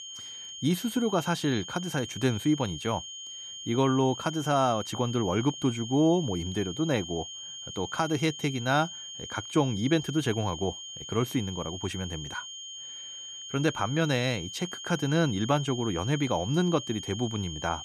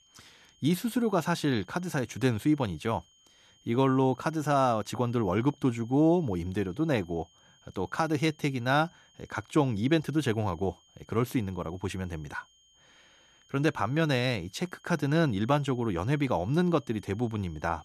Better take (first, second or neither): second